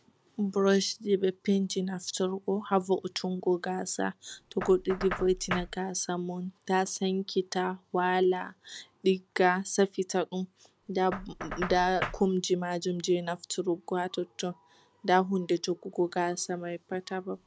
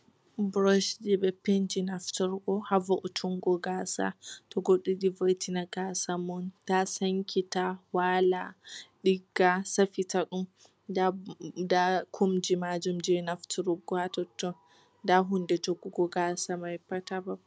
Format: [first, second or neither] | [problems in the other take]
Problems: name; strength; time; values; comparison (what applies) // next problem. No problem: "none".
second | background sound (Knock); 16 dB below the speech